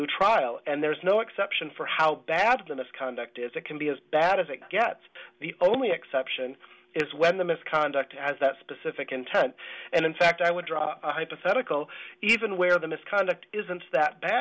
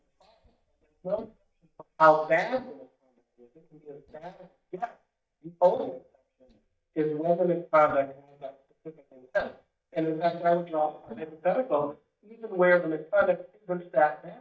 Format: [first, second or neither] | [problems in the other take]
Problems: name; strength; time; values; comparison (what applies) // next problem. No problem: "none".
first | noise reduction (neural mask model DeepFilterNet 3)